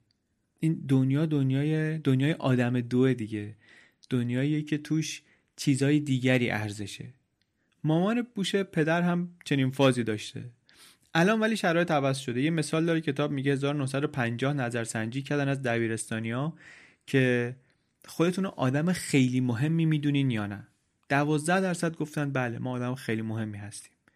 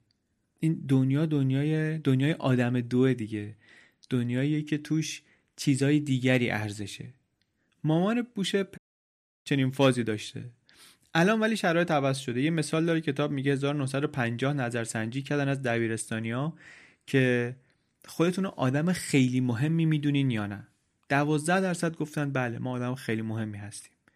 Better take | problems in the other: first | audio cutting out; at 9 s for 0.5 s

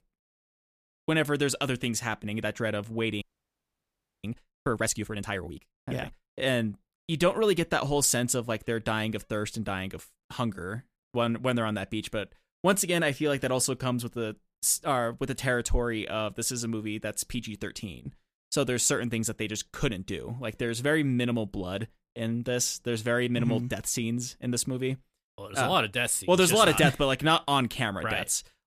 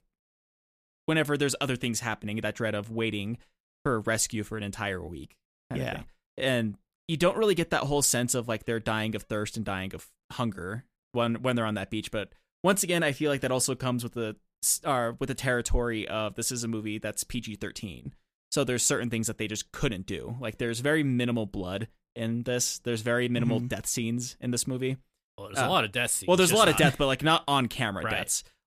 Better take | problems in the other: second | audio freezing; at 3 s for 1 s

